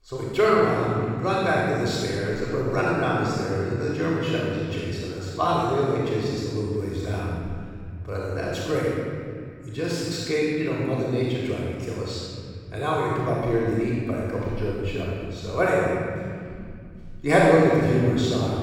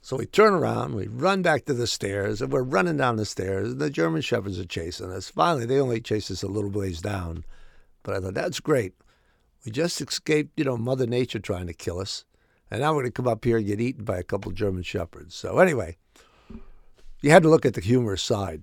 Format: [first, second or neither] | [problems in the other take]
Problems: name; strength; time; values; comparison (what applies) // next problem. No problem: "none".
second | off-mic speech; far // room echo; strong; dies away in 2.4 s